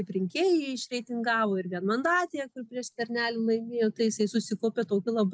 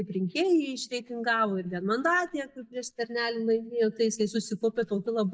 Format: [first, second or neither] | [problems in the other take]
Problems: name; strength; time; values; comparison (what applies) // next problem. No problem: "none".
first | noise reduction (neural mask model DeepFilterNet 3)